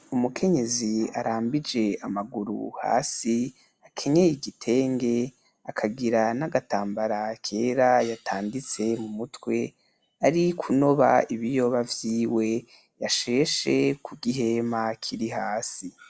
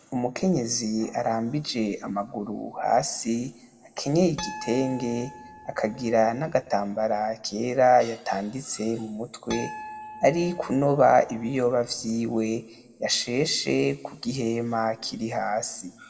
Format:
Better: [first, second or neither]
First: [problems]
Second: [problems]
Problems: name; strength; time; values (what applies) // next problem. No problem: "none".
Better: first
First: none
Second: background sound (Harp); 16 dB below the speech // room echo; dies away in 2.2 s